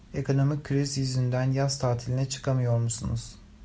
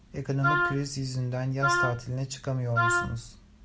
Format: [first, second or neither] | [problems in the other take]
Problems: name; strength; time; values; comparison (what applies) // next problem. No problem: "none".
first | background sound (Wind instrument, woodwind instrument); 2 dB above the speech